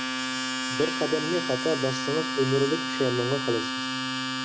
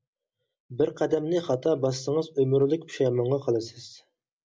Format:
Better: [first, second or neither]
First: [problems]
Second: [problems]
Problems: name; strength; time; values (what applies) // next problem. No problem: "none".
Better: second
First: background sound (Domestic sounds, home sounds); 1 dB below the speech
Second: none